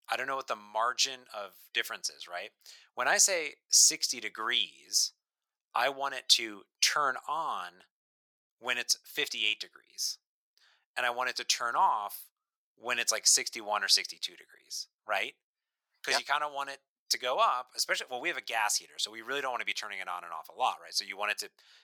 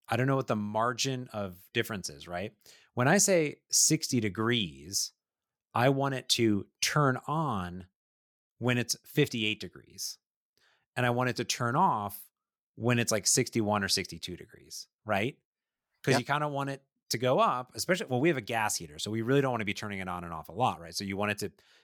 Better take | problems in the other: second | thin; very; fading below 850 Hz

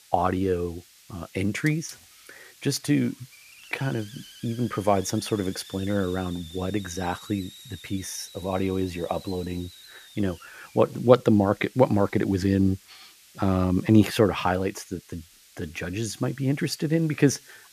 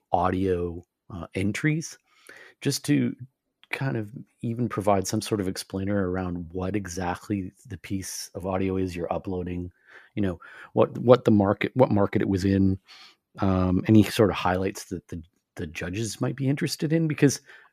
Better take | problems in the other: second | hiss; faint; throughout; 20 dB below the speech

